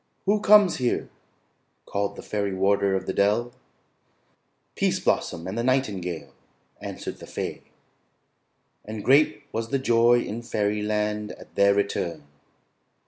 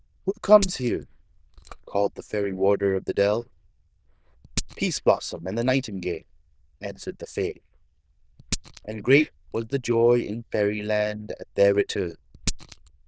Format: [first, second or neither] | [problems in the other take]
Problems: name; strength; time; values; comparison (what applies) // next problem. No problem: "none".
first | noise reduction (neural diffusion model UNIVERSE++)